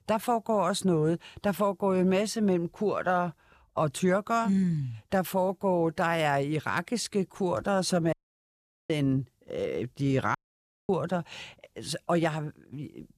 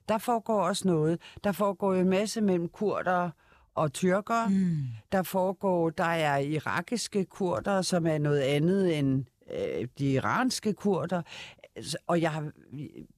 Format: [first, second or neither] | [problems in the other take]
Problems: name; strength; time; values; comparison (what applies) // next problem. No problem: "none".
second | audio cutting out; at 8 s for 1 s and at 10 s for 0.5 s